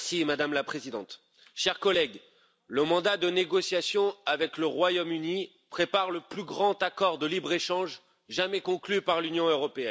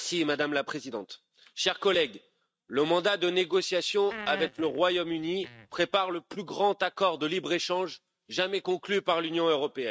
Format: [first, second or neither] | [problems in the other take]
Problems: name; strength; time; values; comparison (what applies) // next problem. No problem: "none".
first | noise reduction (neural mask model RNNoise)